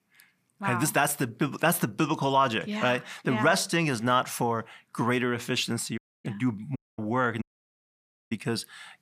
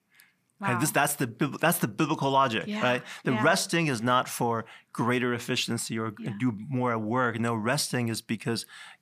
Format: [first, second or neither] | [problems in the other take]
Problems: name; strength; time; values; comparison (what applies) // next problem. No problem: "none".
second | audio cutting out; at 6 s, at 7 s and at 7.5 s for 1 s